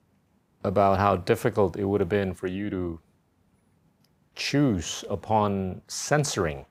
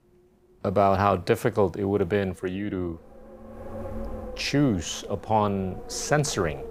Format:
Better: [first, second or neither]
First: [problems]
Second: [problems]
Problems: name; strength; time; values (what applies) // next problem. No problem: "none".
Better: first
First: none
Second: wind noise on the microphone; occasional gusts; 15 dB below the speech